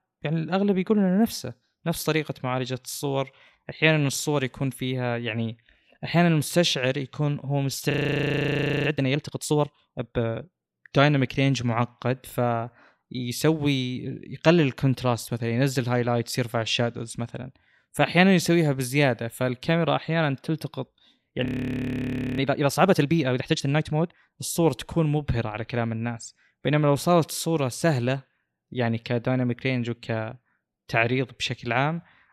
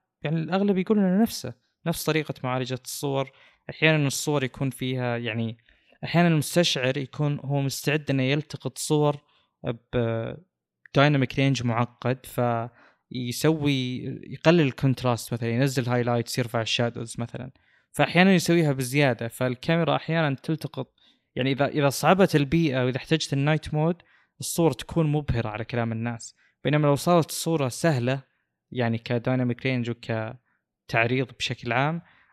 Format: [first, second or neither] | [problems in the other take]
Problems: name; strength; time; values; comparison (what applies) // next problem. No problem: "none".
second | audio freezing; at 8 s for 1 s and at 21 s for 1 s